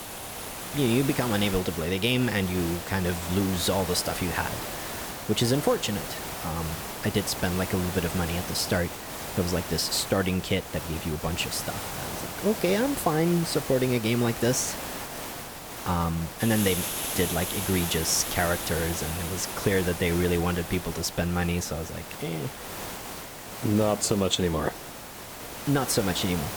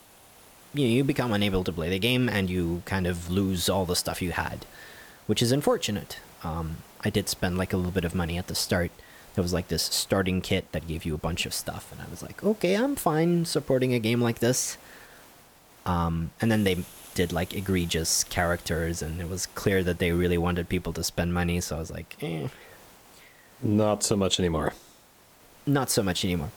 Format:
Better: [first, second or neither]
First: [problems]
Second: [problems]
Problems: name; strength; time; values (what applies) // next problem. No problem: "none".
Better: second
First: hiss; loud; throughout; 7 dB below the speech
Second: hiss; faint; throughout; 25 dB below the speech